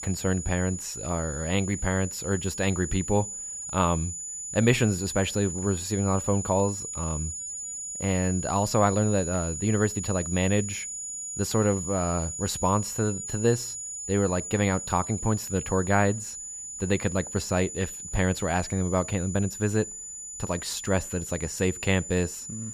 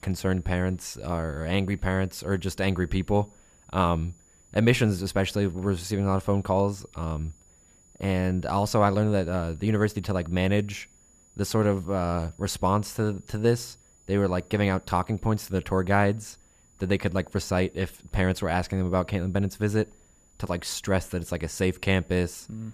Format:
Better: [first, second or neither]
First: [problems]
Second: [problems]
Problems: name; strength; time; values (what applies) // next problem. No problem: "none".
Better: second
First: high-pitched whine; loud; throughout; 7 kHz, 6 dB below the speech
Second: high-pitched whine; faint; throughout; 7 kHz, 30 dB below the speech